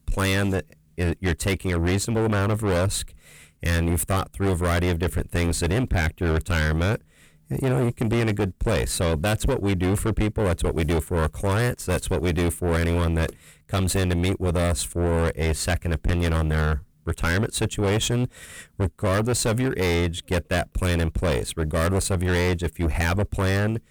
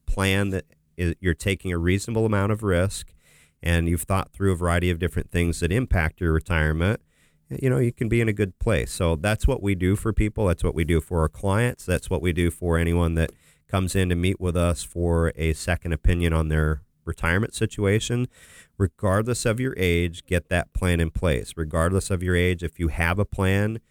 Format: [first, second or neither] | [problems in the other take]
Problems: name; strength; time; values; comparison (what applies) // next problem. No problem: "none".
second | distortion; heavy; 6 dB below the speech